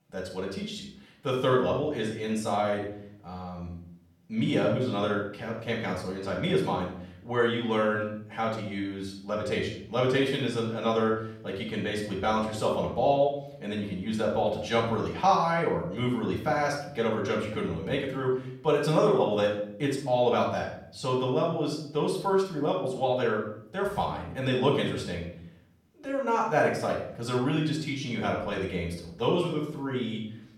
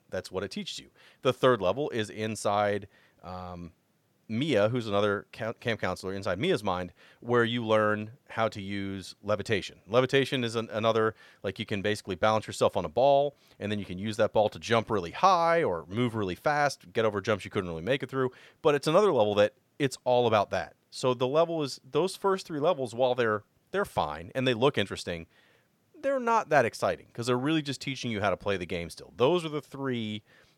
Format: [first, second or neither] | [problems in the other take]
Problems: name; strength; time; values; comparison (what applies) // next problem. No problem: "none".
second | off-mic speech; far // room echo; noticeable; dies away in 0.6 s